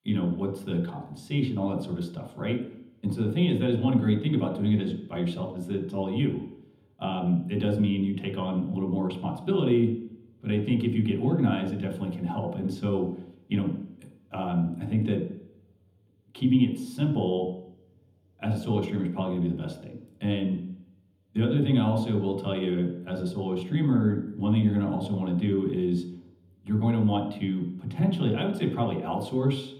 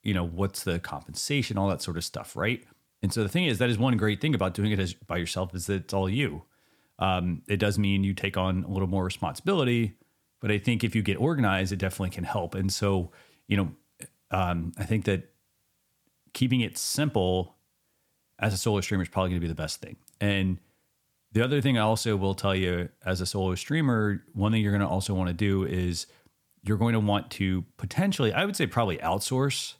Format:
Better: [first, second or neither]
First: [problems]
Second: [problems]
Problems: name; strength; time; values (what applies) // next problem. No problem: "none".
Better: second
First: room echo; noticeable; dies away in 0.8 s // off-mic speech; far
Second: none